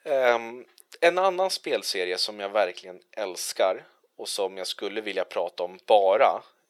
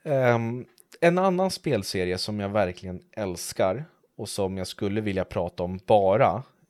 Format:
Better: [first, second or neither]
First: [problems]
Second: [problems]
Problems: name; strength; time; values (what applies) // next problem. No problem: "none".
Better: second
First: thin; very; fading below 400 Hz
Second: none